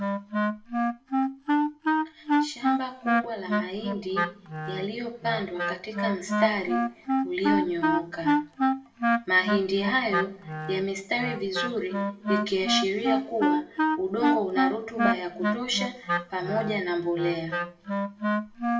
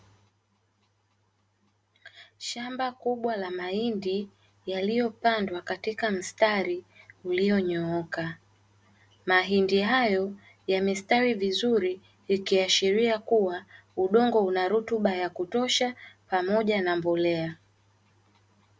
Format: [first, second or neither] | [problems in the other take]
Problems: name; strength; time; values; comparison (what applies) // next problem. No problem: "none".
second | background sound (Wind instrument, woodwind instrument); 2 dB above the speech // room echo; dies away in 0.5 s